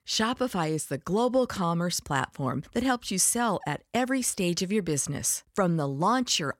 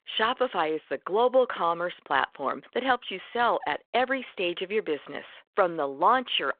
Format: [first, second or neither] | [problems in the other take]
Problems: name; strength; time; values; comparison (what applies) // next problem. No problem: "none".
first | phone-call audio